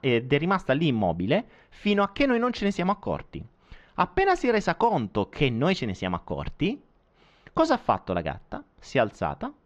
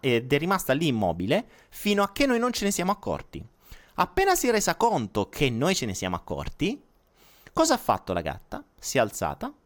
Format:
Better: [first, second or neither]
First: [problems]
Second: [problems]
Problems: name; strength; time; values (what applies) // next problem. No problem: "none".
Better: second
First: muffled; slightly; fading above 3.5 kHz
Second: none